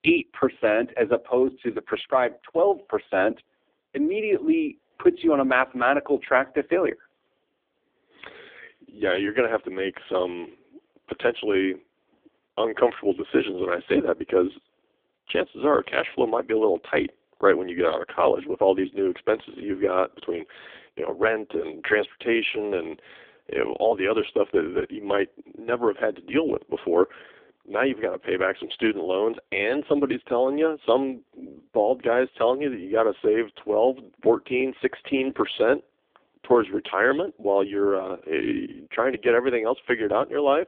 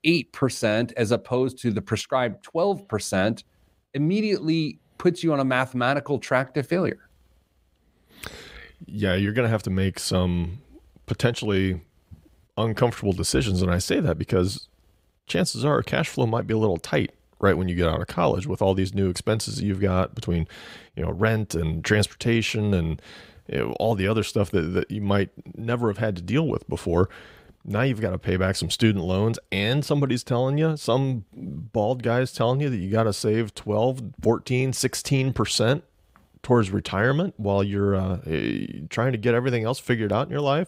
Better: second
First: phone-call audio; poor line; nothing above 3.5 kHz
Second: none

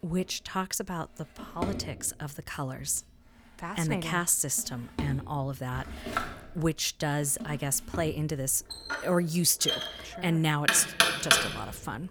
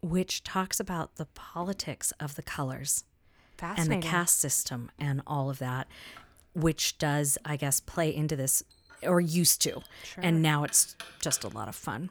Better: second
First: household noises; loud; throughout; 1 dB below the speech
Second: household noises; faint; throughout; 25 dB below the speech

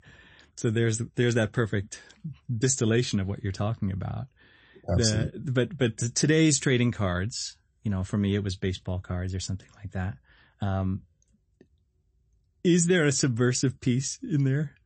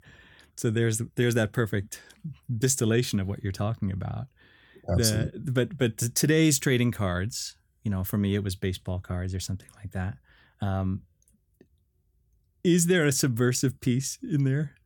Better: second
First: garbled, watery; slightly; nothing above 8 kHz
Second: none

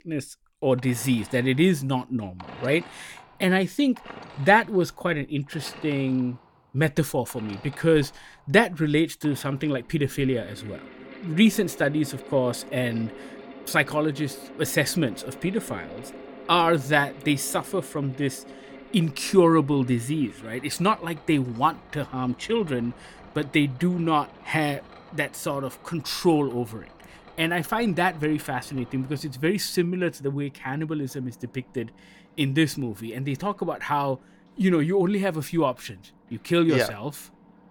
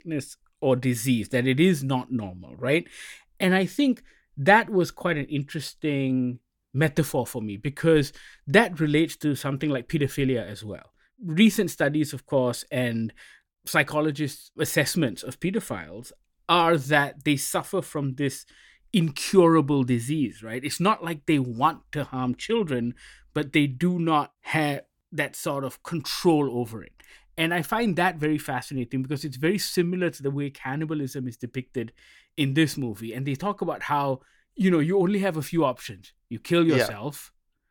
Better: second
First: machinery noise; faint; throughout; 20 dB below the speech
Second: none

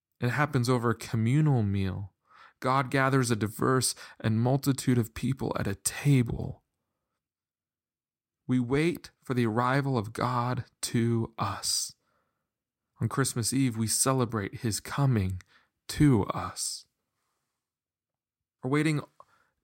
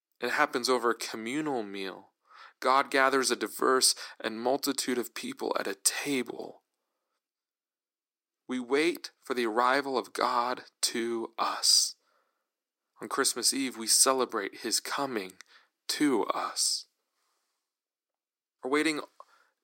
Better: first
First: none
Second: thin; somewhat; fading below 350 Hz

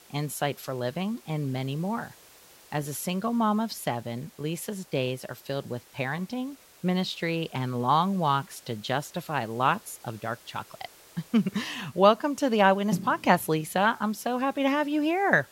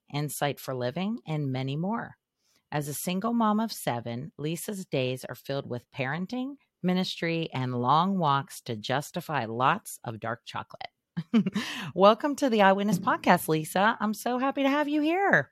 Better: second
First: hiss; faint; throughout; 25 dB below the speech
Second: none

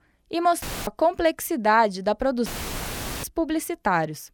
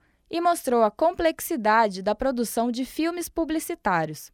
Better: second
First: audio cutting out; filled with static; at 0.5 s and at 2.5 s for 1 s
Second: none

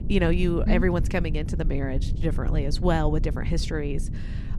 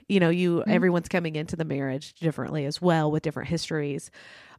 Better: second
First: low rumble; noticeable; throughout; 15 dB below the speech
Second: none

